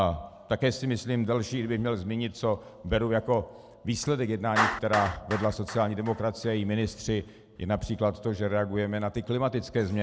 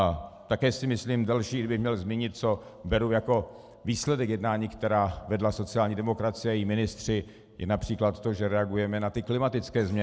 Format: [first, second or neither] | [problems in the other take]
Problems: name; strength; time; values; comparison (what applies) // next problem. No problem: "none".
second | background sound (Clapping); 11 dB below the speech